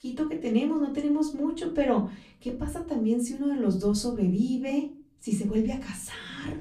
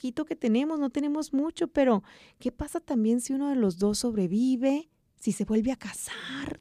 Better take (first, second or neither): second